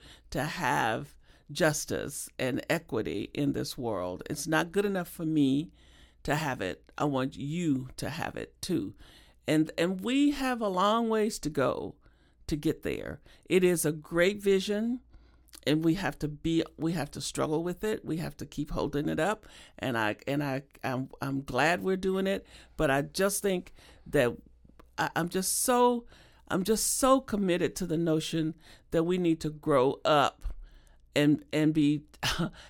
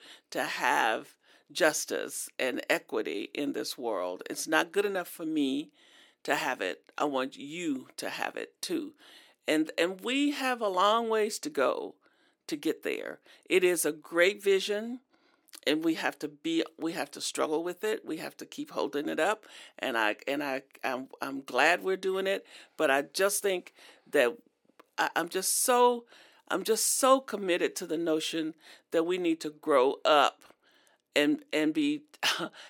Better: first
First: none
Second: thin; very slightly; fading below 300 Hz

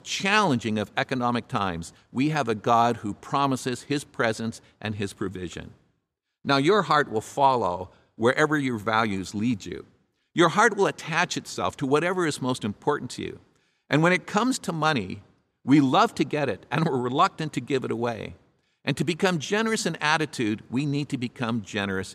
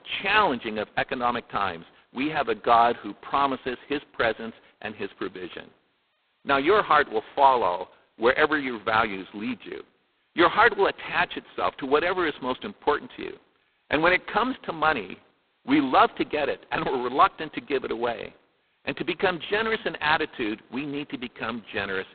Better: first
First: none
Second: phone-call audio; poor line; nothing above 4 kHz

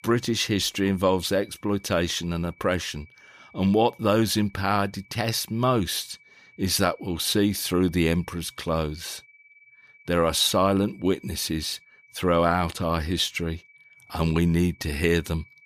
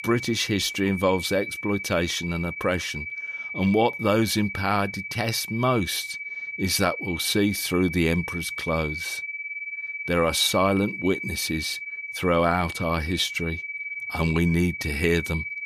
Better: first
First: high-pitched whine; faint; throughout; 2.5 kHz, 30 dB below the speech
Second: high-pitched whine; loud; throughout; 2.5 kHz, 7 dB below the speech

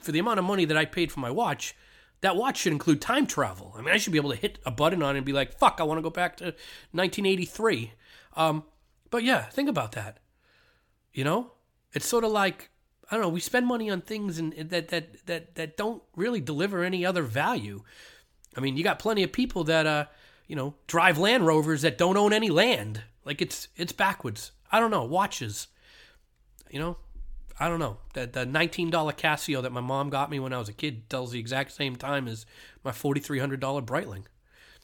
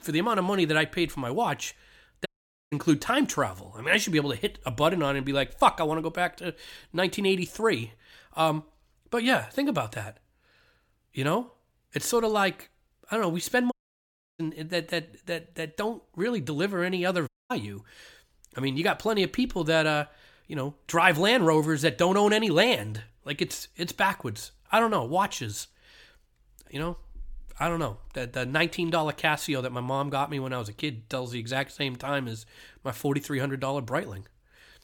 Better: first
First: none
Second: audio cutting out; at 2.5 s, at 14 s for 0.5 s and at 17 s

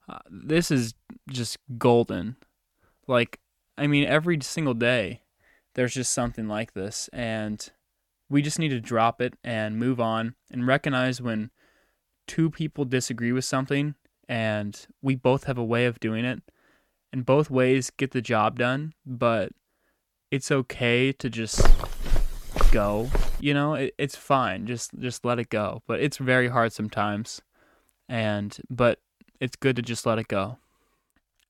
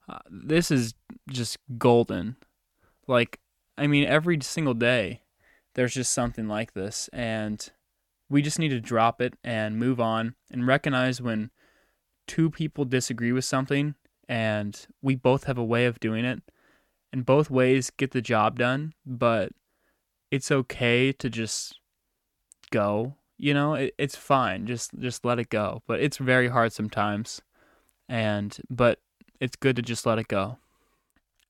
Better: second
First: footsteps; loud; from 22 to 23 s; peak 1 dB above the speech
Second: none

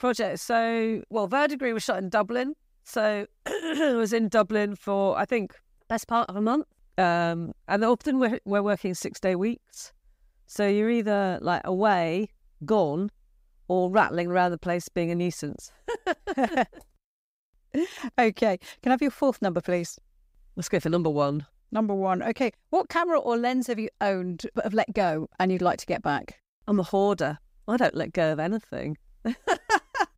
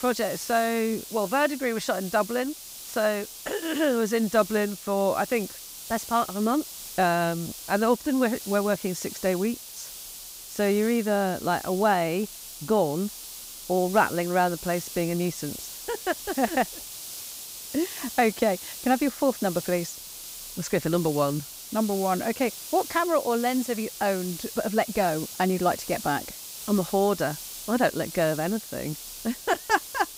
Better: first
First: none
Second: hiss; noticeable; throughout; 10 dB below the speech

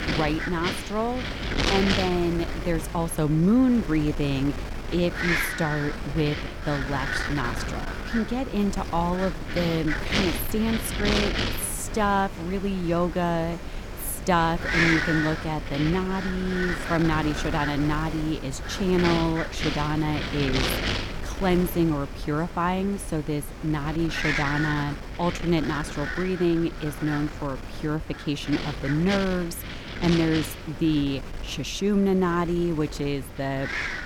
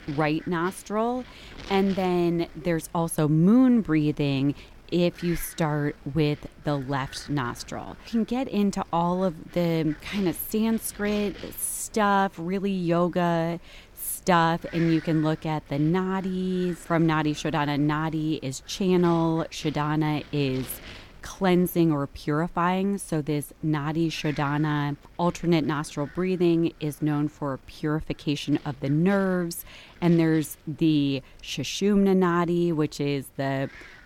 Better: second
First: wind noise on the microphone; heavy; 1 dB below the speech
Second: wind noise on the microphone; occasional gusts; 20 dB below the speech

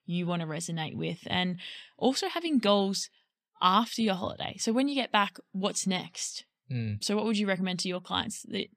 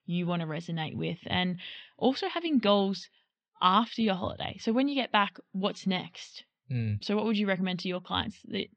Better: first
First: none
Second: muffled; slightly; fading above 4 kHz

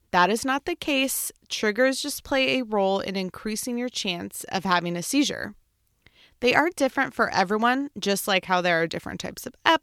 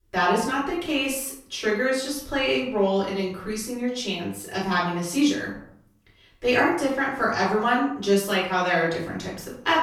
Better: first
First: none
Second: off-mic speech; far // room echo; noticeable; dies away in 0.6 s

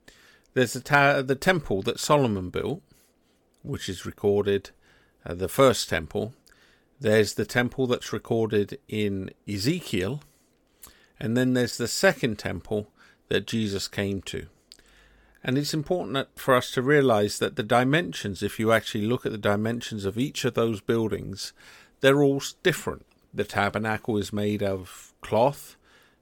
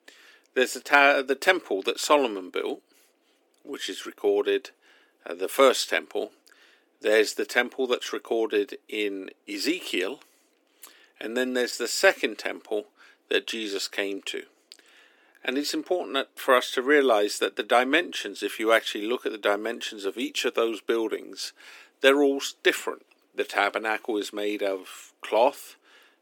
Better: first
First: none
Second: thin; somewhat; fading below 300 Hz

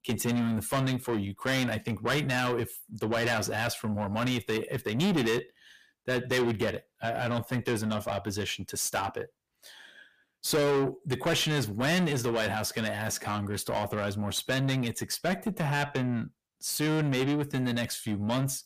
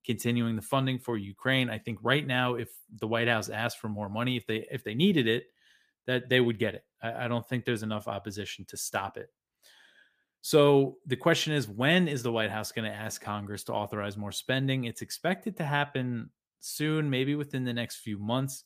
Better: second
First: distortion; heavy; 5 dB below the speech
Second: none

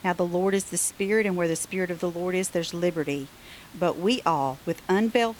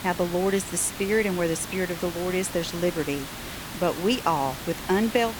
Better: first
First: hiss; faint; throughout; 20 dB below the speech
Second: hiss; loud; throughout; 9 dB below the speech

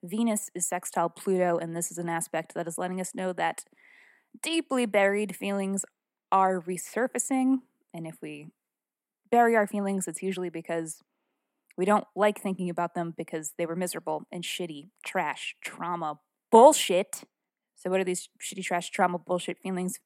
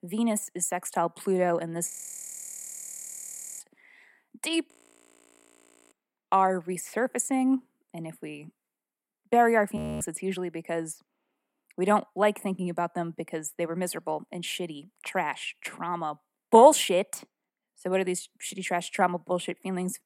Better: first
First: none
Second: audio freezing; at 2 s for 1.5 s, at 4.5 s for 1 s and at 10 s

